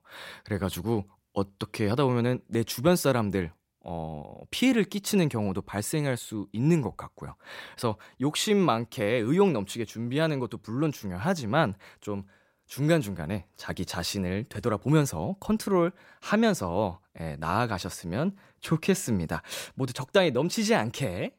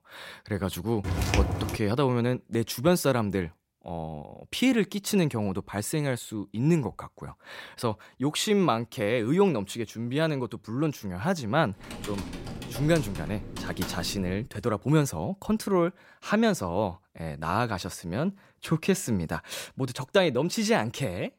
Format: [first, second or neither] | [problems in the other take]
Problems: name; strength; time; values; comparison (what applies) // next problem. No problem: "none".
first | footsteps; loud; at 1 s; peak 2 dB above the speech // keyboard typing; noticeable; from 12 to 14 s; peak 8 dB below the speech